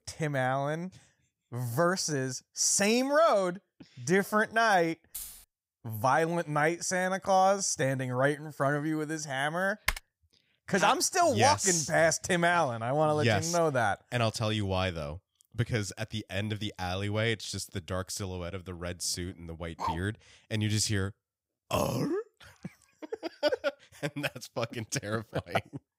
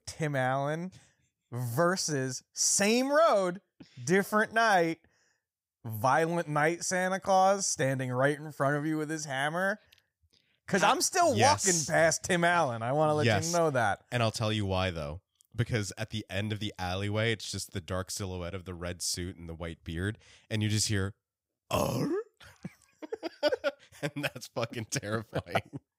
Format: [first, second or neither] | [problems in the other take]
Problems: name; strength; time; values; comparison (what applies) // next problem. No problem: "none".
second | jangling keys; faint; at 5 s; peak 10 dB below the speech // keyboard typing; noticeable; at 10 s; peak 4 dB below the speech // dog barking; noticeable; at 20 s; peak 7 dB below the speech